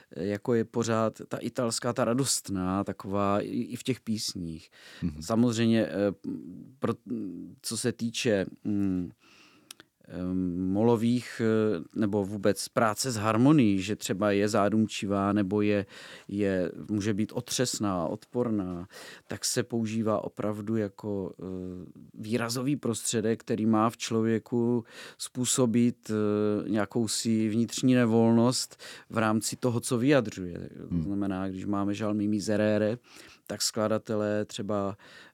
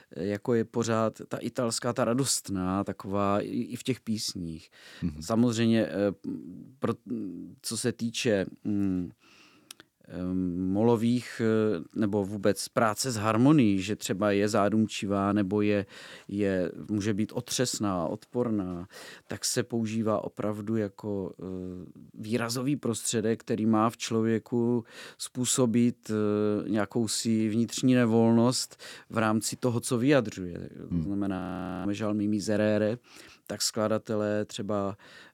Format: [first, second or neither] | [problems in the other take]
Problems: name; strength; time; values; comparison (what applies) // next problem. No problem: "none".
first | audio freezing; at 31 s